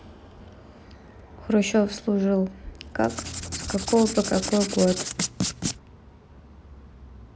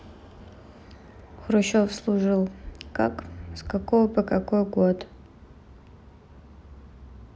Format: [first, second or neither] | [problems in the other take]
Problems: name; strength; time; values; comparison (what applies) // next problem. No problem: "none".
second | background sound (Writing); 5 dB below the speech